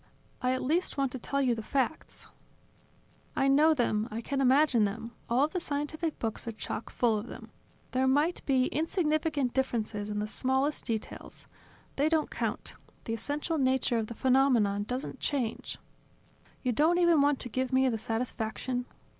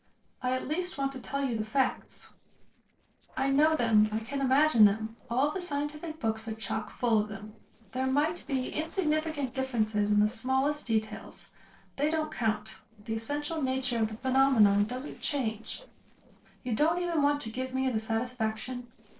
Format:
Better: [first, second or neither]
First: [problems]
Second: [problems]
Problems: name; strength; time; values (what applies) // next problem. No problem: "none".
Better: first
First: none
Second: noise reduction (neural separator model SepFormer DNS4)